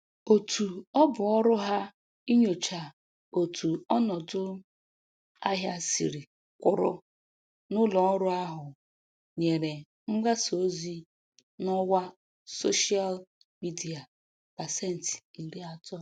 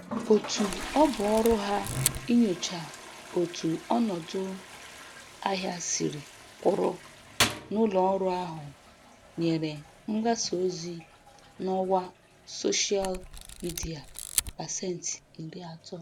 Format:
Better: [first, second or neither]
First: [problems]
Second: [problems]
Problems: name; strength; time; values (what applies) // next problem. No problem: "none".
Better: first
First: none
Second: background sound (Camera + Toilet flush); 9 dB below the speech